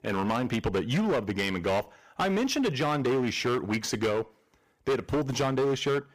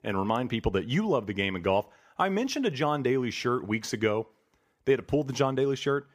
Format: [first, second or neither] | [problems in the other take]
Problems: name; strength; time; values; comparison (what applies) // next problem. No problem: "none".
second | distortion; heavy; 16% of the sound clipped